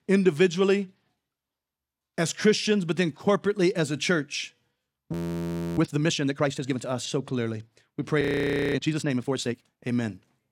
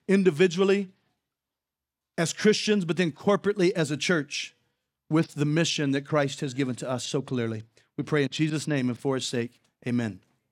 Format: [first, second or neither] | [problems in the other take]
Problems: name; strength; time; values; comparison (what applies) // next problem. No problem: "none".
second | audio freezing; at 5 s for 0.5 s and at 8 s for 0.5 s